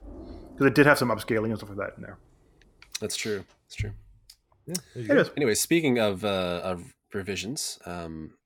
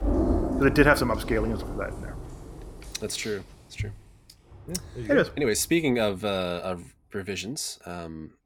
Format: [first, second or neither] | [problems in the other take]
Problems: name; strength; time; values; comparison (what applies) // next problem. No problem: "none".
first | rain or running water; loud; throughout; 5 dB below the speech; faint in the first